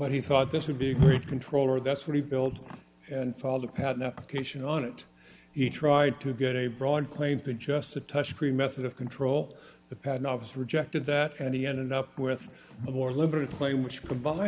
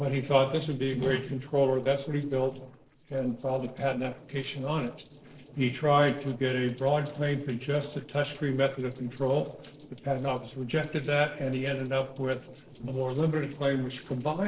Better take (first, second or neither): first